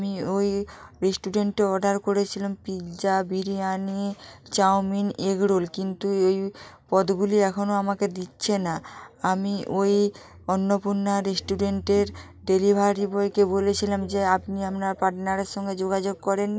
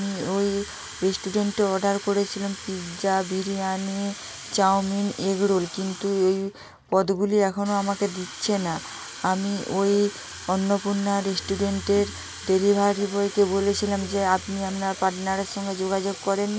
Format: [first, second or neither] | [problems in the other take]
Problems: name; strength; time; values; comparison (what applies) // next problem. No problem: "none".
first | background sound (Fill (with liquid) / Water tap, faucet); 15 dB below the speech